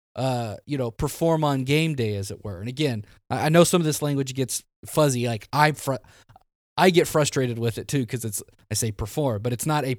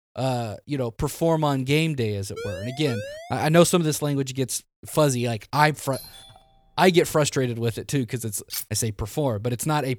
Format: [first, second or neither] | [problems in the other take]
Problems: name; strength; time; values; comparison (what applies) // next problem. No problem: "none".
first | siren; faint; from 2.5 to 3.5 s; peak 10 dB below the speech // doorbell; faint; at 6 s; peak 15 dB below the speech // clattering dishes; noticeable; at 8.5 s; peak 8 dB below the speech